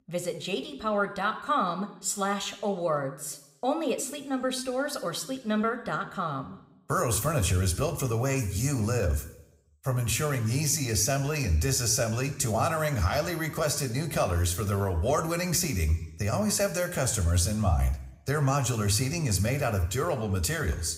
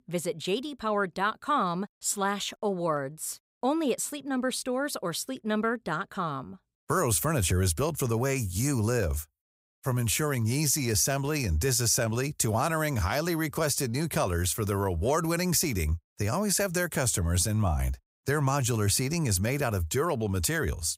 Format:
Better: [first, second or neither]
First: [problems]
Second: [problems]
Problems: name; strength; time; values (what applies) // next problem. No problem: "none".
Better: second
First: room echo; slight; dies away in 0.8 s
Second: none